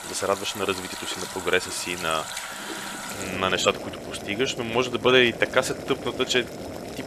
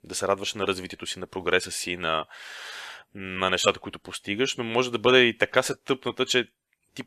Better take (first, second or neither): second